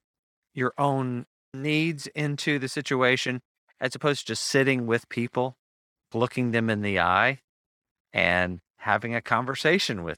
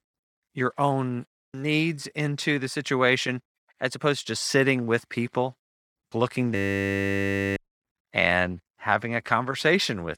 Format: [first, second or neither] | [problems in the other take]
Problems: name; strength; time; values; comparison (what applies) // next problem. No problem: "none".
first | audio freezing; at 6.5 s for 1 s